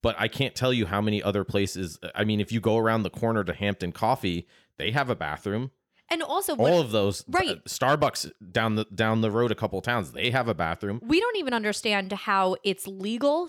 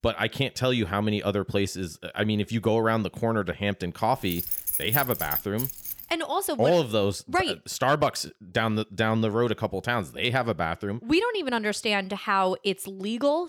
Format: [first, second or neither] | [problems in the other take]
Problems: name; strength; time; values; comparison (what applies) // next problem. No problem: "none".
first | jangling keys; loud; from 4.5 to 6 s; peak 1 dB above the speech